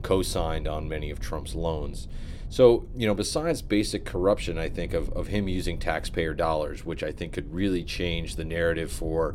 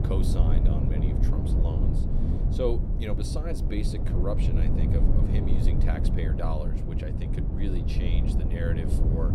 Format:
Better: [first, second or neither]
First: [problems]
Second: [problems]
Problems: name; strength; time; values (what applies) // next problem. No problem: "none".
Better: first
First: low rumble; faint; throughout; 25 dB below the speech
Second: low rumble; loud; throughout; 1 dB below the speech